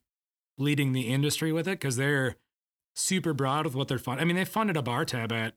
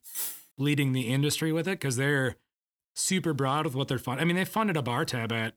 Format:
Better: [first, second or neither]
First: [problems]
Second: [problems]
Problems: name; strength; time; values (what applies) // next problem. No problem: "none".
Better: first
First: none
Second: clattering dishes; noticeable; at the start; peak 5 dB below the speech